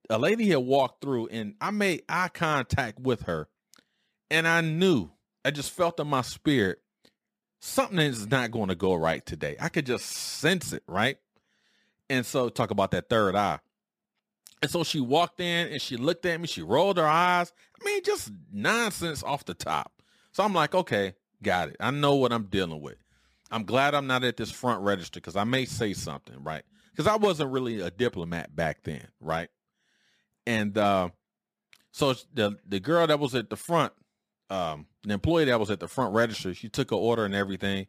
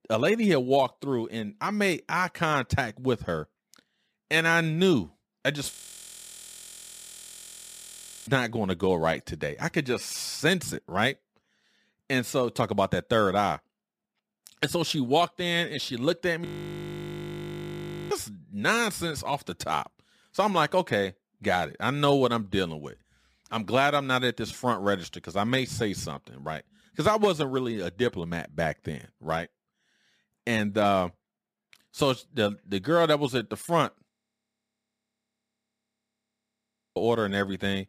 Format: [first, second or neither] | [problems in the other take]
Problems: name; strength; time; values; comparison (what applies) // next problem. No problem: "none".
first | audio freezing; at 5.5 s for 2.5 s, at 16 s for 1.5 s and at 34 s for 3 s